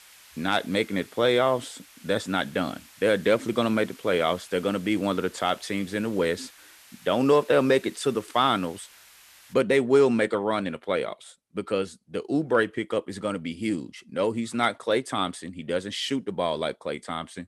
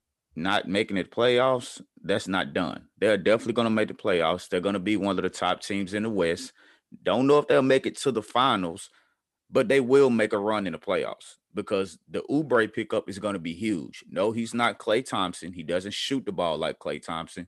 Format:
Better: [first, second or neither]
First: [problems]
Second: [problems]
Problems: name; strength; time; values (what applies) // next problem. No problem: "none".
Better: second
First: hiss; faint; until 9.5 s; 25 dB below the speech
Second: none